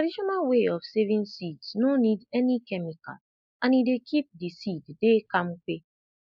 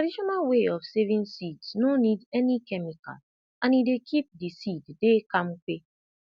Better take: second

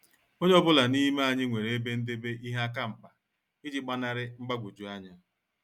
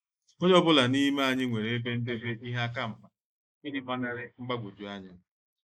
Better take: first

